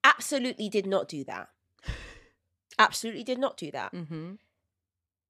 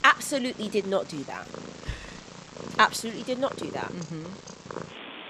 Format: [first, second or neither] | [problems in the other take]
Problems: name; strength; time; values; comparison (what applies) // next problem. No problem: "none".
first | animal sounds; noticeable; throughout; 15 dB below the speech